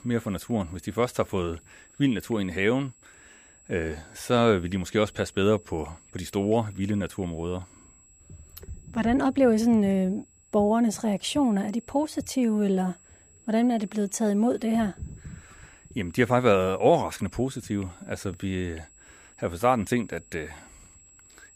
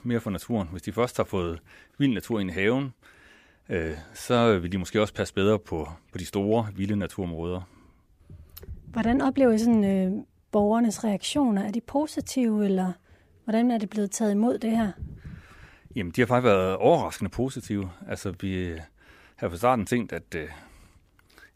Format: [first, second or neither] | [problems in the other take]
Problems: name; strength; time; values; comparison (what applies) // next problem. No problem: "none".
second | high-pitched whine; faint; throughout; 7.5 kHz, 25 dB below the speech